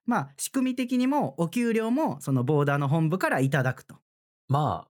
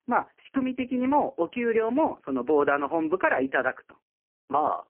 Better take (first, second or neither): first